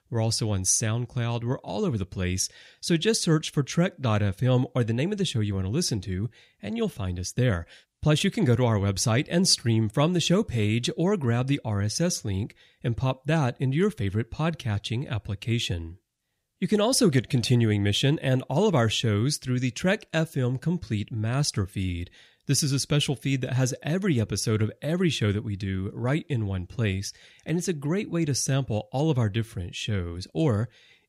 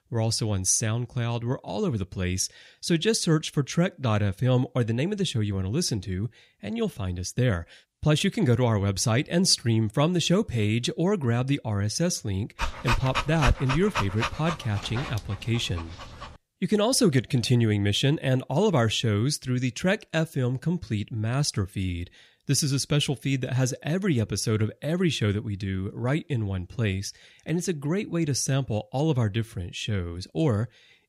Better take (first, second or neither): first